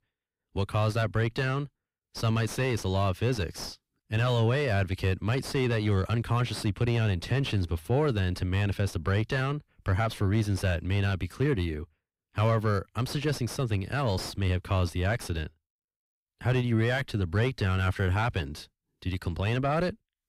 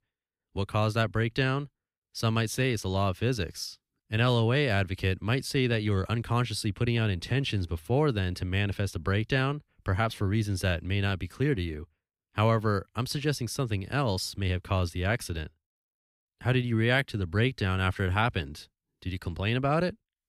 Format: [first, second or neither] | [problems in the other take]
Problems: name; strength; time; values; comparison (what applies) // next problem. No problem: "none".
second | distortion; slight; 9 dB below the speech